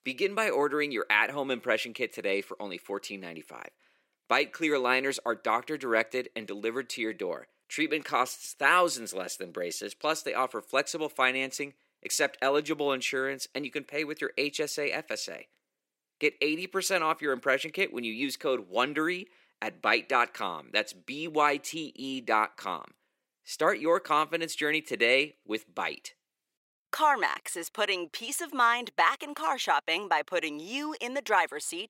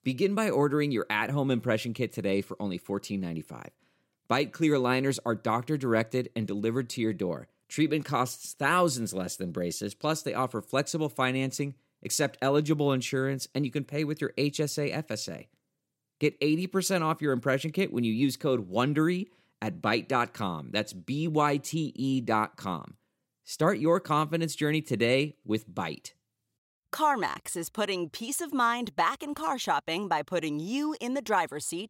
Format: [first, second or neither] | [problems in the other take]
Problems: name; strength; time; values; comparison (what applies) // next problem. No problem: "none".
second | thin; somewhat; fading below 450 Hz